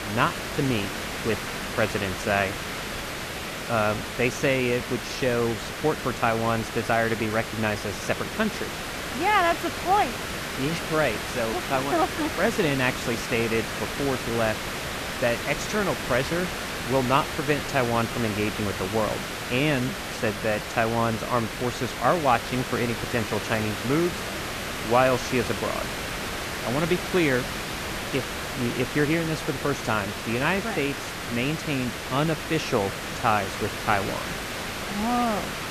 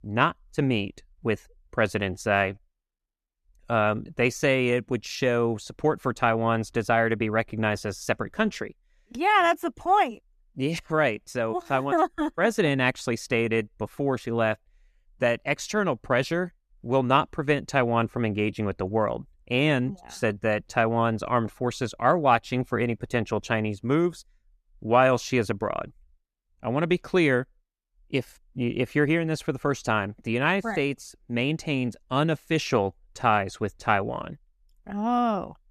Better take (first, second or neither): second